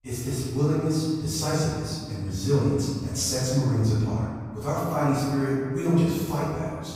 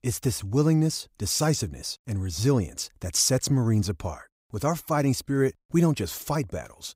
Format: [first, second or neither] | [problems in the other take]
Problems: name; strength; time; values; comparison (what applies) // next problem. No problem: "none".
second | off-mic speech; far // room echo; strong; dies away in 1.8 s